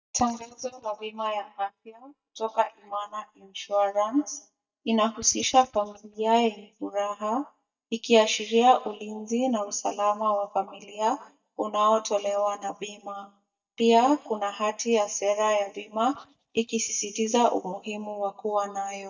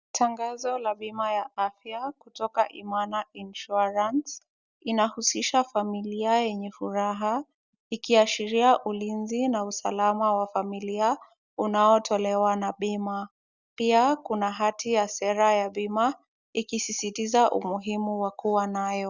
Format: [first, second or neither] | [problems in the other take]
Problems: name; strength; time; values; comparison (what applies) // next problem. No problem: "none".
second | noise reduction (neural mask model DeepFilterNet 3)